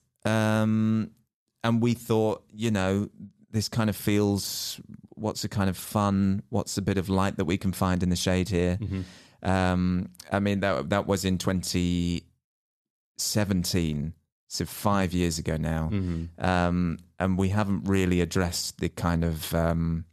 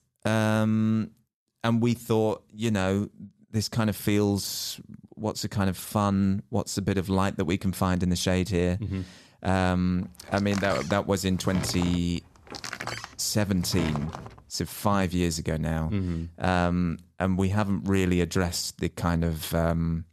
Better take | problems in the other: first | door banging; noticeable; from 10 to 14 s; peak 7 dB below the speech

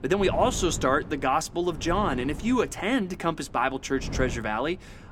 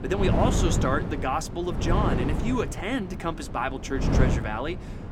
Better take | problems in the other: first | wind noise on the microphone; heavy; 5 dB below the speech; occasional gusts in the first

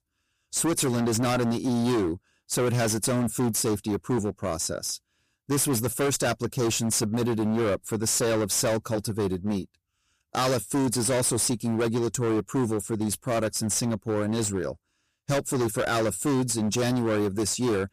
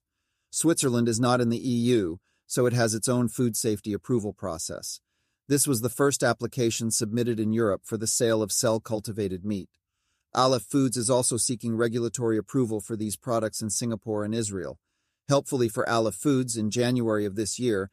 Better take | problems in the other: second | distortion; heavy; 24% of the sound clipped

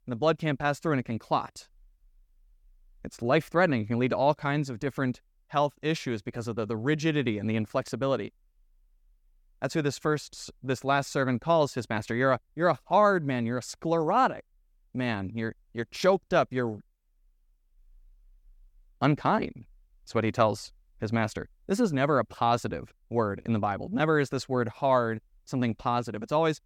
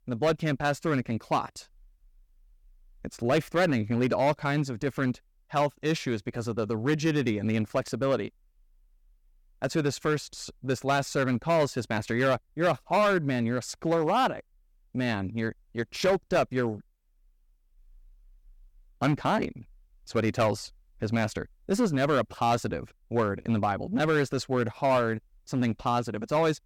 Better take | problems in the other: first | distortion; slight; 4% of the sound clipped

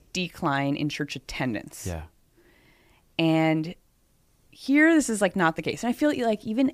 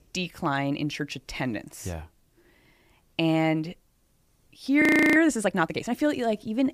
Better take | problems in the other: first | audio freezing; at 5 s

